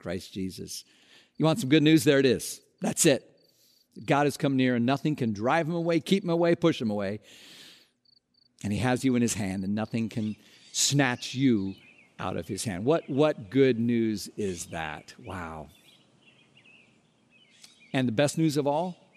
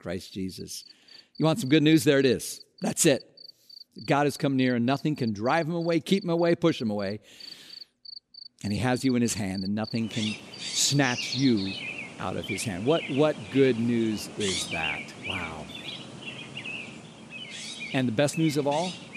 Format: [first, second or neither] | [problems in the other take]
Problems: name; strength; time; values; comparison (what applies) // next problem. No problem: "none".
first | animal sounds; loud; throughout; 10 dB below the speech; faint in the first